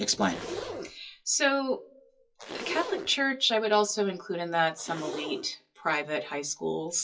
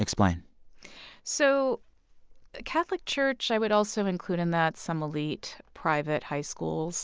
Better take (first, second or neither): second